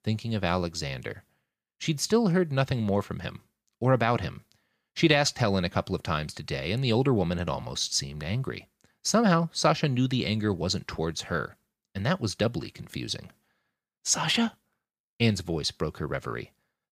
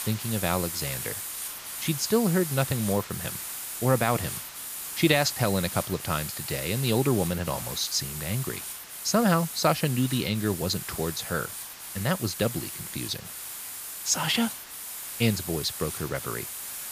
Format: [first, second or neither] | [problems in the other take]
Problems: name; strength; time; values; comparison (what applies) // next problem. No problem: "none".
first | hiss; loud; throughout; 6 dB below the speech